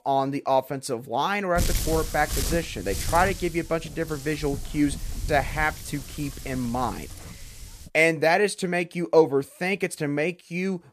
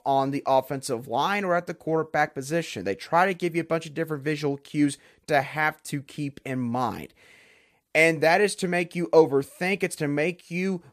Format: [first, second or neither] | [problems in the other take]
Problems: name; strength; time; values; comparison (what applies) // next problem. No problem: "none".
second | wind noise on the microphone; occasional gusts; from 1.5 to 8 s; 15 dB below the speech